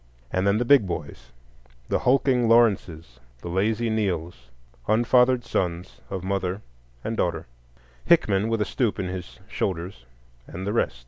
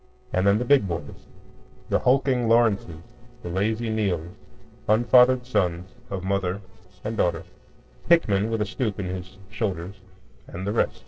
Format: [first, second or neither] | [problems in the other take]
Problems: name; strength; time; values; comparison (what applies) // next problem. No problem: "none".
first | noise reduction (neural separator model SepFormer DNS4)